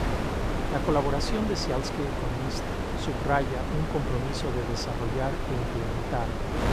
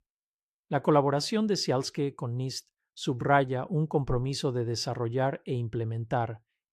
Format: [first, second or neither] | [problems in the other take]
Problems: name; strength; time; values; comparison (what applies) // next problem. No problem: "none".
second | wind noise on the microphone; heavy; 1 dB below the speech